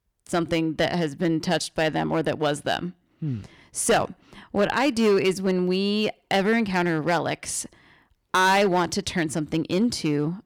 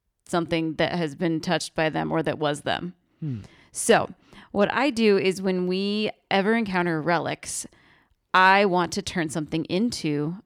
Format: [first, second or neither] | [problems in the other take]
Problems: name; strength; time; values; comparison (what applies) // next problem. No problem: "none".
second | distortion; slight; 4% of the sound clipped